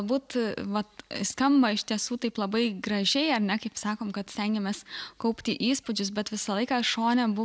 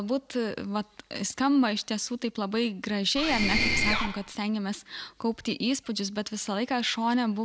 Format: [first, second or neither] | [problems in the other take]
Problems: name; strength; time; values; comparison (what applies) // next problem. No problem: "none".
first | background sound (Mechanisms); 2 dB above the speech